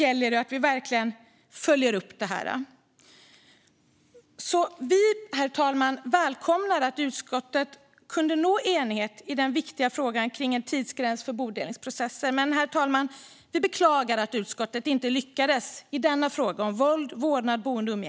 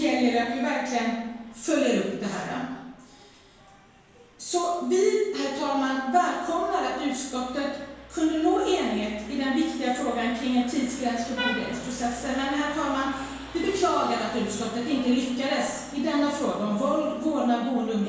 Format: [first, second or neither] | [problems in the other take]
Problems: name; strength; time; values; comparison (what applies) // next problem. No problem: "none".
first | background sound (Vehicle horn, car horn, honking); 17 dB below the speech // room echo; dies away in 1 s